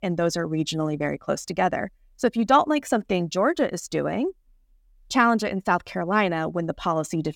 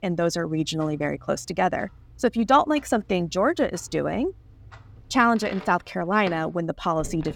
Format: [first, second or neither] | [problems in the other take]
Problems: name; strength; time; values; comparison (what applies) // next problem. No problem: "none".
first | household noises; faint; throughout; 25 dB below the speech